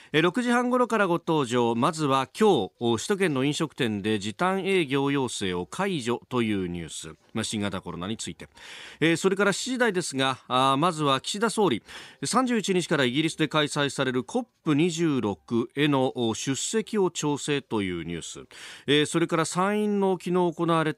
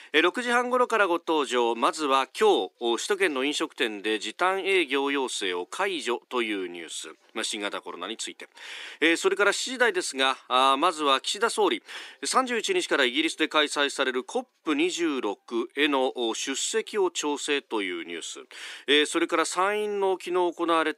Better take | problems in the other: first | thin; somewhat; fading below 300 Hz

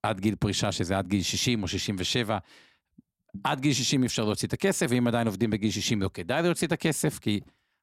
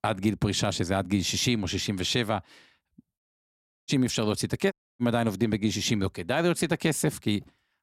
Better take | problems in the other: first | audio cutting out; at 3 s for 0.5 s and at 4.5 s

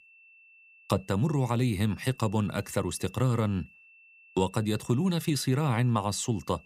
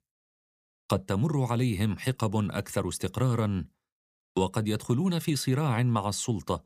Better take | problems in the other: second | high-pitched whine; faint; throughout; 2.5 kHz, 25 dB below the speech

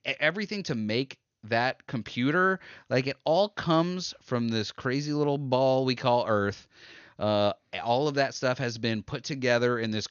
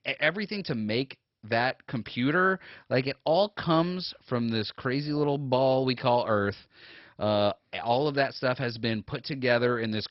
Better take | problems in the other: first | garbled, watery; badly; nothing above 5.5 kHz; slightly in the first

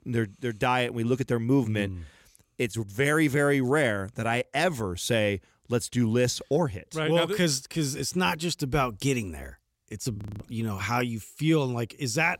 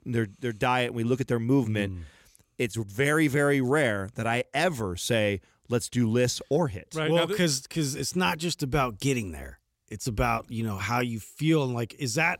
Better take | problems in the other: second | audio freezing; at 10 s

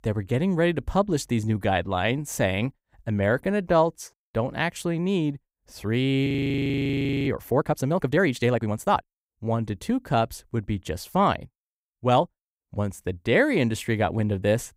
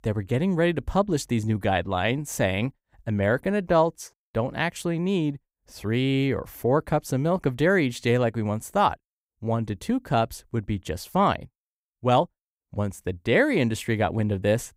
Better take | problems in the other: second | audio freezing; at 6.5 s for 1 s

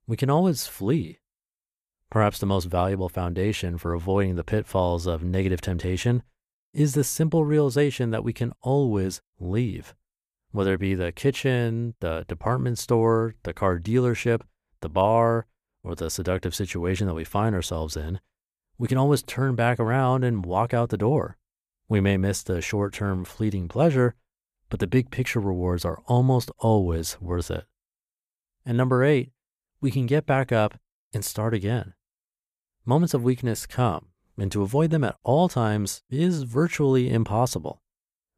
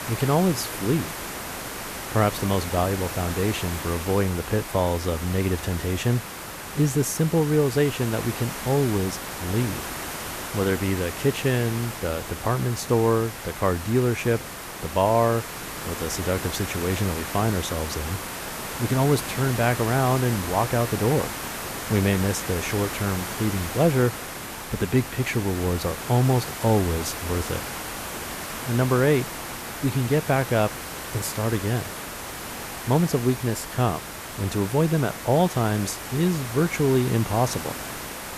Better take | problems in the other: first | hiss; loud; throughout; 8 dB below the speech

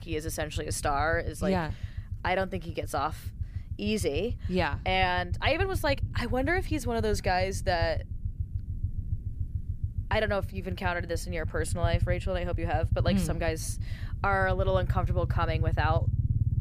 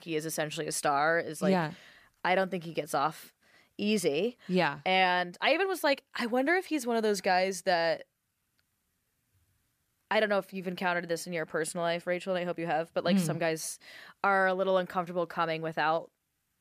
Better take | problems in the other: second | low rumble; noticeable; throughout; 20 dB below the speech

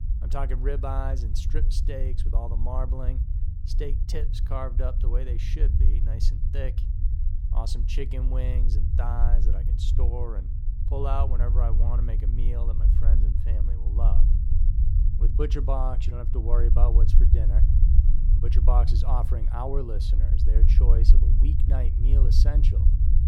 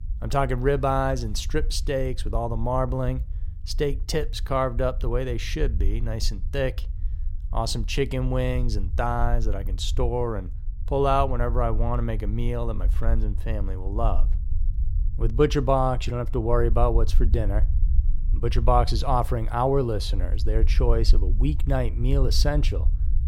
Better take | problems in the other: second | low rumble; loud; throughout; 6 dB below the speech; faint in the second

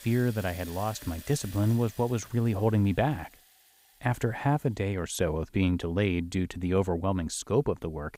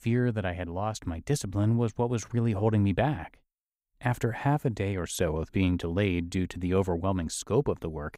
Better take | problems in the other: second | household noises; noticeable; throughout; 20 dB below the speech

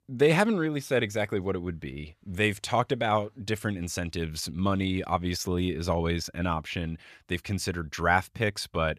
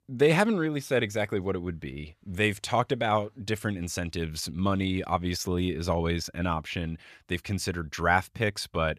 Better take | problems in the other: neither | none

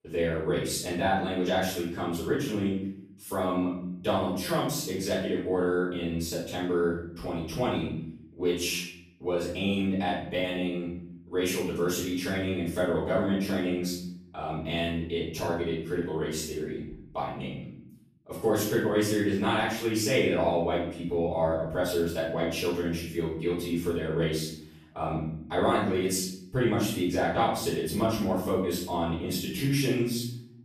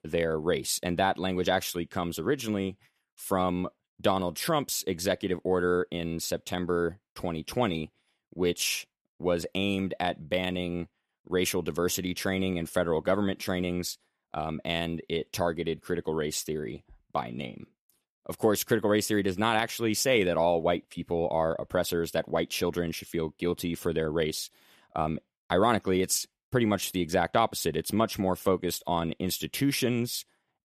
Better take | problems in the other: second | off-mic speech; far // room echo; noticeable; dies away in 0.8 s

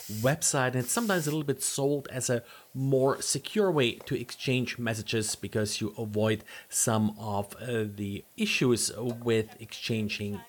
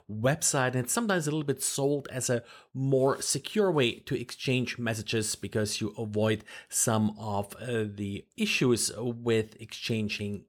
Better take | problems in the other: second | hiss; faint; throughout; 20 dB below the speech

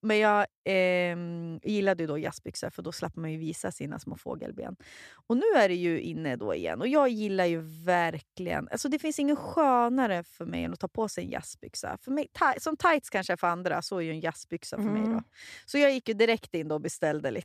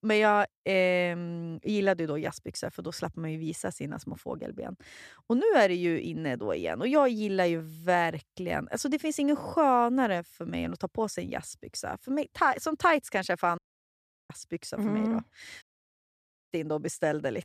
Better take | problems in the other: first | audio cutting out; at 14 s for 0.5 s and at 16 s for 1 s

